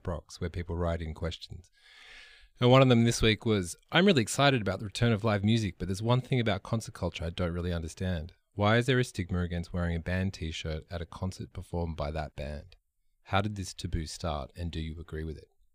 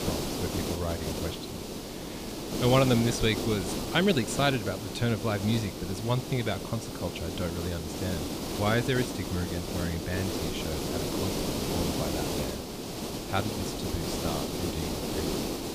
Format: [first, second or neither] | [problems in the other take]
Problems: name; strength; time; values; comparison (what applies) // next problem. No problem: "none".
first | hiss; loud; throughout; 2 dB below the speech